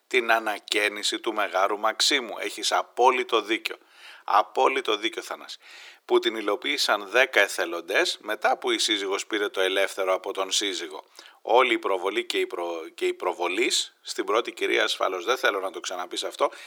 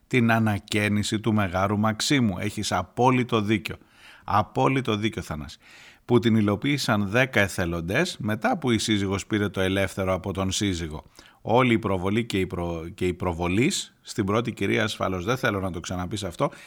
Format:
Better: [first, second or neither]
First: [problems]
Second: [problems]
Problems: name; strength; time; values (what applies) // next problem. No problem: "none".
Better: second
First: thin; very; fading below 350 Hz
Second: none